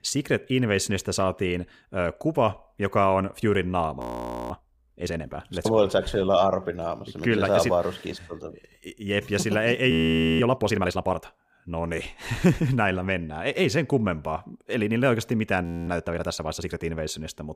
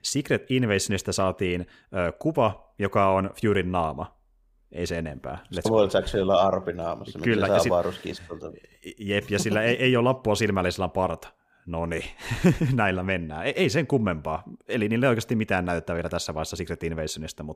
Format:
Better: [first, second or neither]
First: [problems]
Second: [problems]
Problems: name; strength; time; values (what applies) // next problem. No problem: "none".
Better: second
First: audio freezing; at 4 s for 0.5 s, at 10 s and at 16 s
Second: none